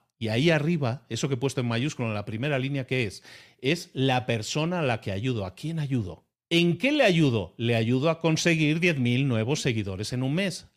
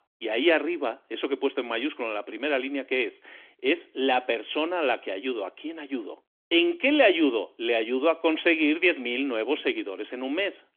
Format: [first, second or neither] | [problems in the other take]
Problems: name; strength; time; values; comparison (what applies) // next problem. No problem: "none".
first | phone-call audio; nothing above 3.5 kHz